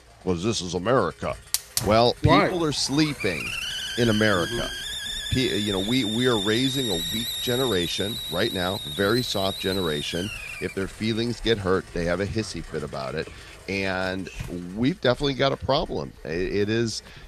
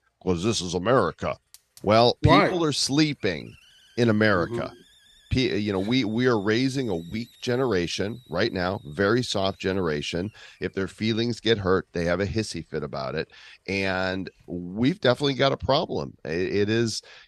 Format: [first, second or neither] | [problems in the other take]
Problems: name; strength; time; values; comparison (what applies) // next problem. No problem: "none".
second | hiss; loud; throughout; 4 dB below the speech; faint in the second